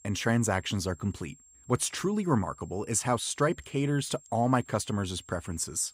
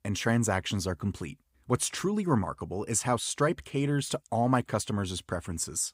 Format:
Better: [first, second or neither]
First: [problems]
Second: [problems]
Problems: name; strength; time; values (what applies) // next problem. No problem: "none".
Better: second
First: high-pitched whine; faint; throughout; 7.5 kHz, 25 dB below the speech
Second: none